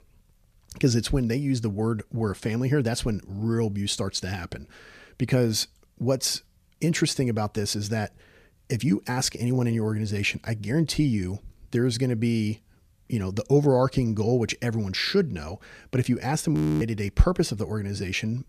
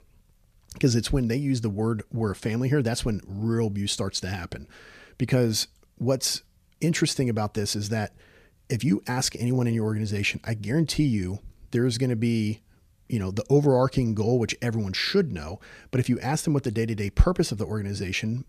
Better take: second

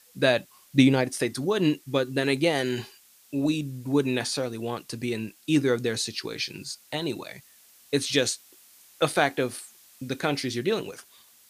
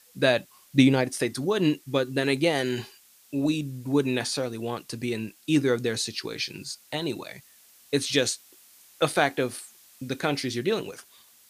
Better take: neither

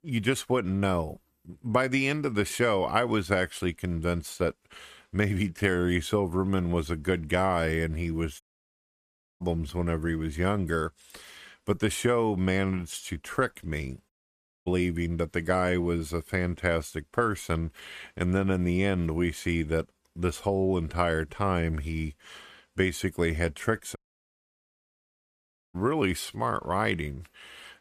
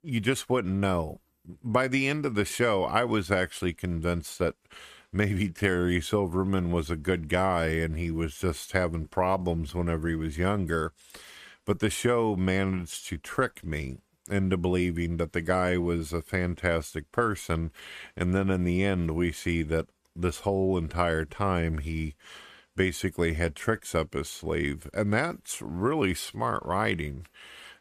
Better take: second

